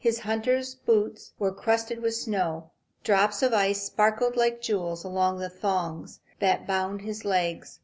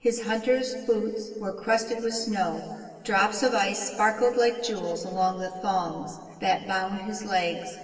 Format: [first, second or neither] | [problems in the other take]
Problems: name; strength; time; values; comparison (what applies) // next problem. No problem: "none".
first | room echo; dies away in 2.3 s